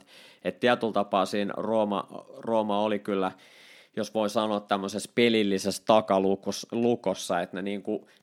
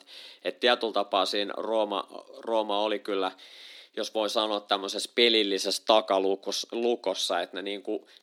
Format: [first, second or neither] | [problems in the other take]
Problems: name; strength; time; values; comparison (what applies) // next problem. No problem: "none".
first | thin; somewhat; fading below 300 Hz